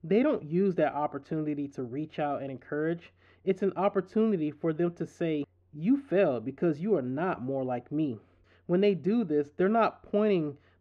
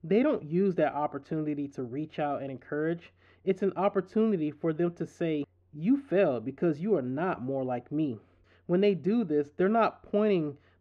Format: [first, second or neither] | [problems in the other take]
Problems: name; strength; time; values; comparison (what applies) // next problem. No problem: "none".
neither | muffled; very; fading above 1.5 kHz; the same in both